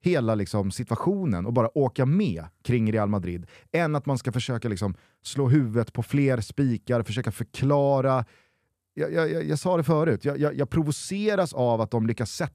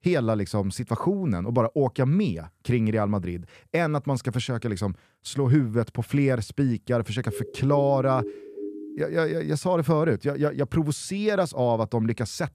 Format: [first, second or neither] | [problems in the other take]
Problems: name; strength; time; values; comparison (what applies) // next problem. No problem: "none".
first | siren; faint; from 7.5 to 9 s; peak 10 dB below the speech